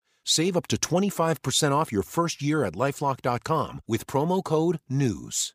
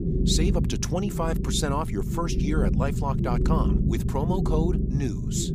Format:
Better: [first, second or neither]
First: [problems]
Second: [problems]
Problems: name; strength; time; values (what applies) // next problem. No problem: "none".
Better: first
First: none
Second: low rumble; loud; throughout; 5 dB below the speech